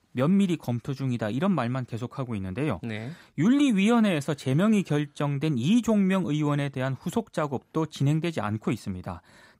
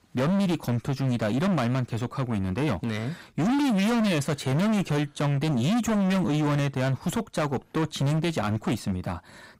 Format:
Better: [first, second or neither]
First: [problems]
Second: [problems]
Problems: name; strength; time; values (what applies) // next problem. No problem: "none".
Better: first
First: none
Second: distortion; heavy; 29% of the sound clipped